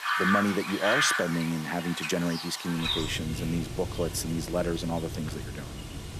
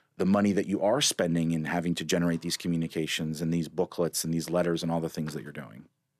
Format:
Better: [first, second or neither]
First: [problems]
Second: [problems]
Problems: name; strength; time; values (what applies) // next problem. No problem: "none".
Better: second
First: animal sounds; loud; throughout; 2 dB below the speech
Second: none